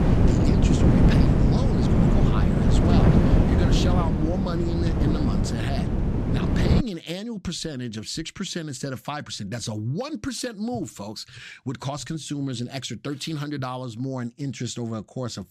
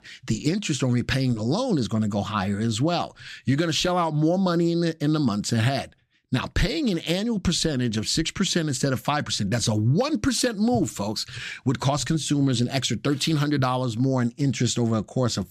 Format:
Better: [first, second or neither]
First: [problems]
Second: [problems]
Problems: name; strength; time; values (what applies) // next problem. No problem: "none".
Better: second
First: wind noise on the microphone; heavy; until 7 s; 4 dB above the speech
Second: none